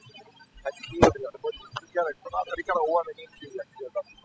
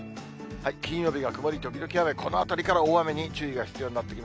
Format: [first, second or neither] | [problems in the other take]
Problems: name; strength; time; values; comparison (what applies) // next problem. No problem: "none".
second | noise reduction (classical method spectral subtraction)